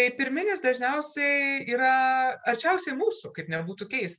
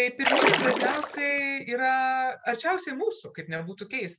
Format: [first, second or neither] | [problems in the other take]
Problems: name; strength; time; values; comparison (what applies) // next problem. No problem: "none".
first | background sound (Splash, splatter); 3 dB above the speech